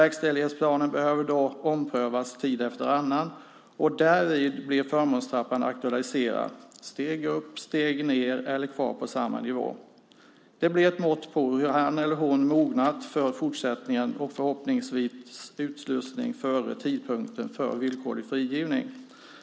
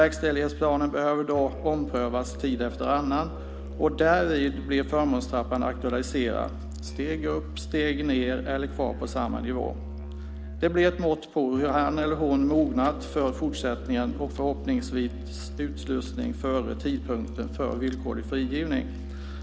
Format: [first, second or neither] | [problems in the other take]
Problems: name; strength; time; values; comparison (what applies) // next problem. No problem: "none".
first | background sound (Musical instrument); 9 dB below the speech